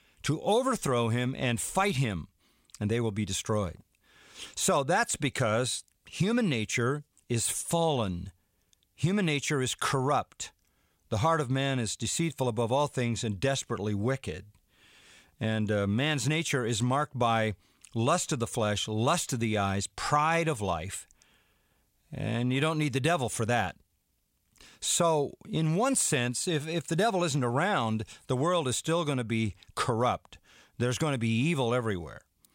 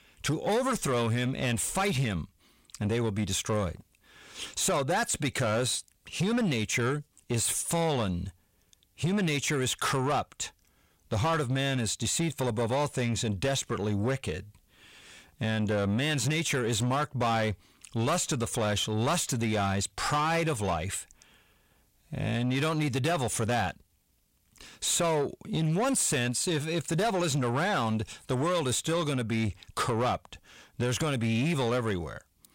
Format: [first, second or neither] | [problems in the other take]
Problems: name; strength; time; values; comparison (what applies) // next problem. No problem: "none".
first | distortion; slight; 10 dB below the speech